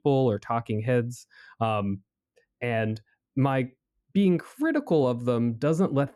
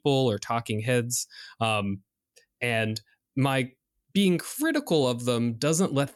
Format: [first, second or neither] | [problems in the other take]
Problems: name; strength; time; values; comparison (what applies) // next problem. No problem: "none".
second | muffled; very; fading above 2.5 kHz